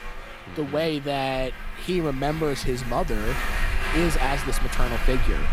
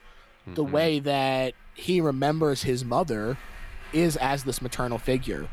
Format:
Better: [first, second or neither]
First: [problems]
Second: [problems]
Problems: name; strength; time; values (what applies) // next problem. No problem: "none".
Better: second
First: traffic noise; loud; throughout; 3 dB below the speech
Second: traffic noise; faint; throughout; 20 dB below the speech